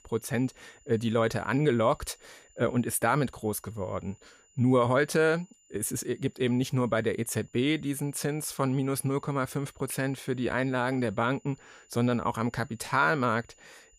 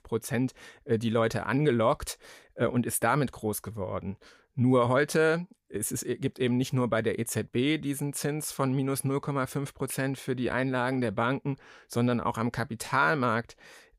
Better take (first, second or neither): second